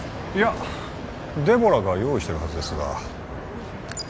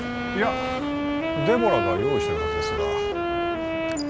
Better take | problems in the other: first | background sound (Wind instrument, woodwind instrument); 2 dB above the speech

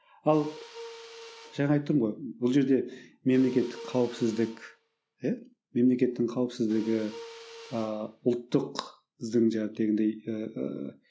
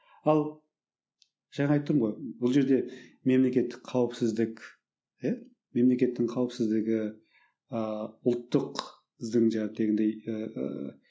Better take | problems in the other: second | background sound (Mechanisms); 20 dB below the speech

